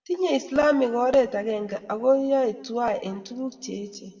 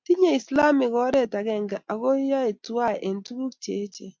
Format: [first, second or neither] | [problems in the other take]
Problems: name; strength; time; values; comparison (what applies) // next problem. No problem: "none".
second | room echo; dies away in 1.6 s